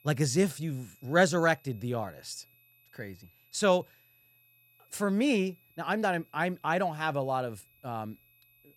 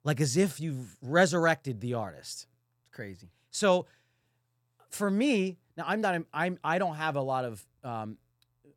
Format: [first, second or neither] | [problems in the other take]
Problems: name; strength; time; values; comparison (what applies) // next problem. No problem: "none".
second | high-pitched whine; faint; throughout; 2.5 kHz, 30 dB below the speech